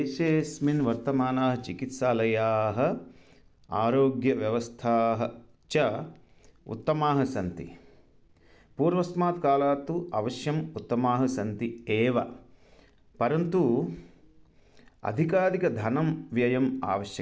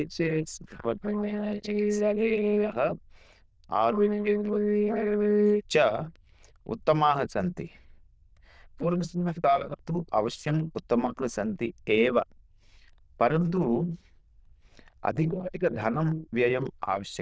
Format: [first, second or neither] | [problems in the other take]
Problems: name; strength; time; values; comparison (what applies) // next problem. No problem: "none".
first | noise reduction (neural diffusion model UNIVERSE++)